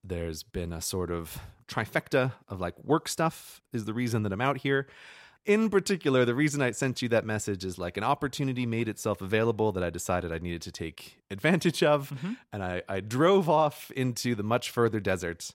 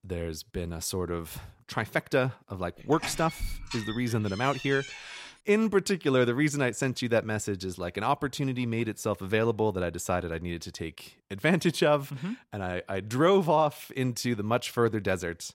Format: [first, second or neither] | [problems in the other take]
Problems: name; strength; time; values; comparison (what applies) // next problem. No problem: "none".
first | door banging; noticeable; from 3 to 5 s; peak 8 dB below the speech